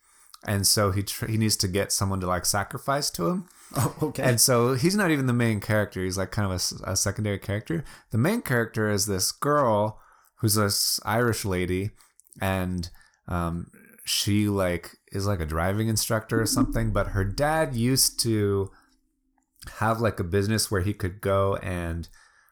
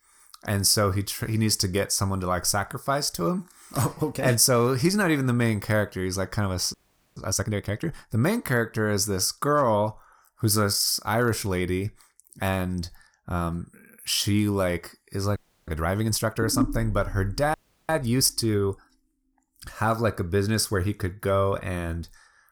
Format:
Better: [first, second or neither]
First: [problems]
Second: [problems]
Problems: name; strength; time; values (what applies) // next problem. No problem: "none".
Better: first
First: none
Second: audio freezing; at 6.5 s, at 15 s and at 18 s